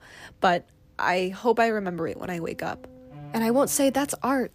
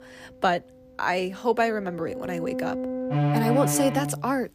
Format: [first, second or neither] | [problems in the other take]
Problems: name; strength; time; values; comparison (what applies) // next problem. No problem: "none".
first | background music; loud; throughout; 2 dB below the speech; faint in the first